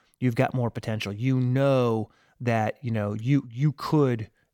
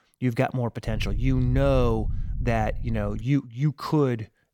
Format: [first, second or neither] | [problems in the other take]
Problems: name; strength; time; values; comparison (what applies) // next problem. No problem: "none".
first | low rumble; faint; from 1 to 3 s; 20 dB below the speech